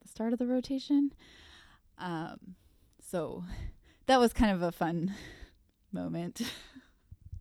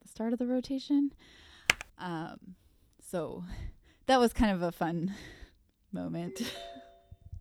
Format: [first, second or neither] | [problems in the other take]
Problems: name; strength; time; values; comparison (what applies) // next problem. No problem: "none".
first | keyboard typing; very faint; at 1.5 s; peak 3 dB above the speech // phone ringing; faint; at 6.5 s; peak 15 dB below the speech